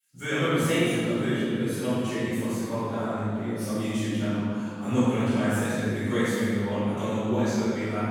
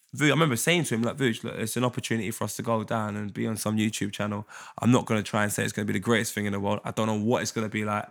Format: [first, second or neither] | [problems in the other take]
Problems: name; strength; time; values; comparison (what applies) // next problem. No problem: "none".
second | off-mic speech; far // room echo; strong; dies away in 2.4 s